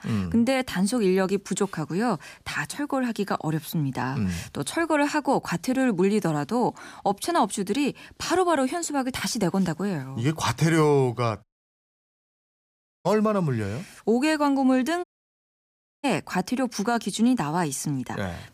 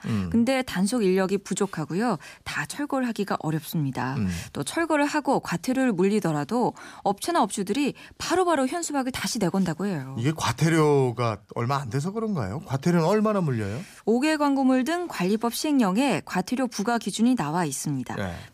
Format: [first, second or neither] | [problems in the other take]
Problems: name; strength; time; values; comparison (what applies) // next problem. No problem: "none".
second | audio cutting out; at 11 s for 1.5 s and at 15 s for 1 s